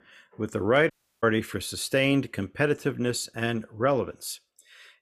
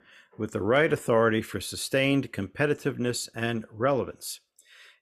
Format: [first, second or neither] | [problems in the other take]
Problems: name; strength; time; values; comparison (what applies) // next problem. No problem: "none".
second | audio cutting out; at 1 s